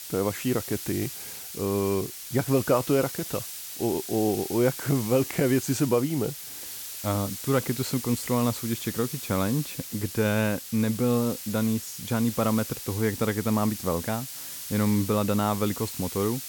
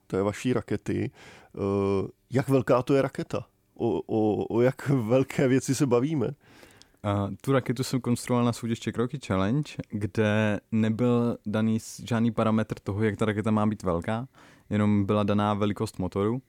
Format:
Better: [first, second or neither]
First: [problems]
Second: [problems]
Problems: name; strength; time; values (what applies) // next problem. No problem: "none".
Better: second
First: hiss; loud; throughout; 8 dB below the speech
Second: none